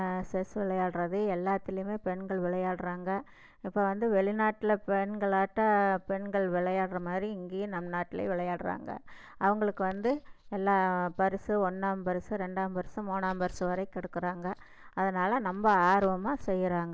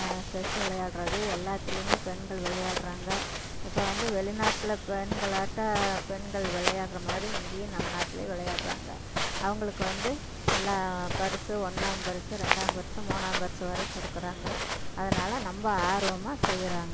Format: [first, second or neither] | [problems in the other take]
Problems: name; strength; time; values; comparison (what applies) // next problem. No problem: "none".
first | background sound (Walk, footsteps); 1 dB above the speech